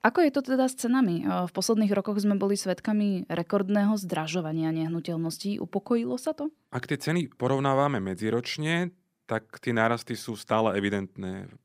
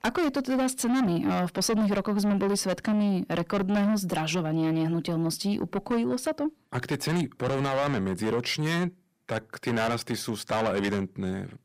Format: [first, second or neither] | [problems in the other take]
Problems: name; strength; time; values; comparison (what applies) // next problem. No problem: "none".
first | distortion; heavy; 7 dB below the speech